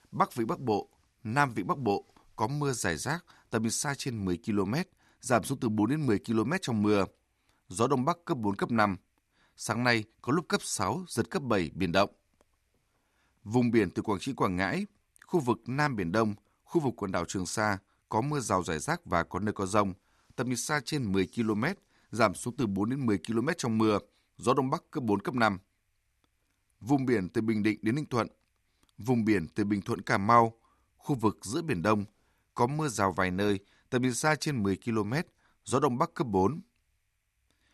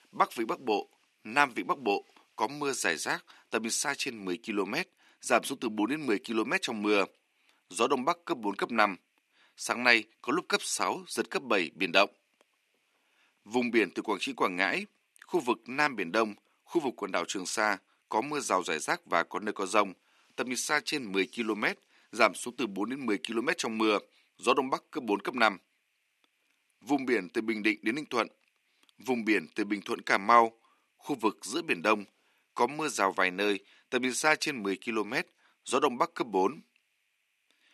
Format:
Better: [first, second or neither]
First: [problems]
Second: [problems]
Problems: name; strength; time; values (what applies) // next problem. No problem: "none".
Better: first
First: none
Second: thin; very slightly; fading below 250 Hz